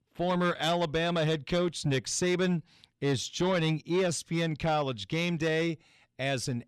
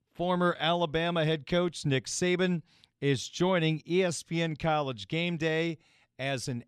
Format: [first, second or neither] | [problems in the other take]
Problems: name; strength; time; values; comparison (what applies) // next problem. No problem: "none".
second | distortion; slight; 10 dB below the speech